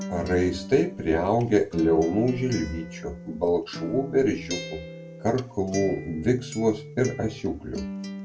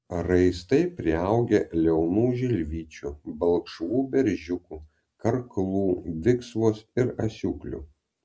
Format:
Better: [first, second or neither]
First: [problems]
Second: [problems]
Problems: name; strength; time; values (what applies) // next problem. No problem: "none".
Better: second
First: background sound (Acoustic guitar); 12 dB below the speech // room echo; dies away in 0.2 s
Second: none